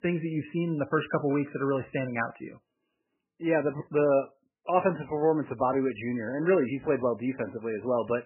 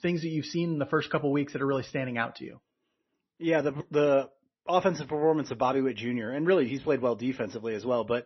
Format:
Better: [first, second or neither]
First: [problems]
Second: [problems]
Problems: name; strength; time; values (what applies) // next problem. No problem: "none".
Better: second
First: garbled, watery; badly; nothing above 3 kHz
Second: garbled, watery; slightly; nothing above 6 kHz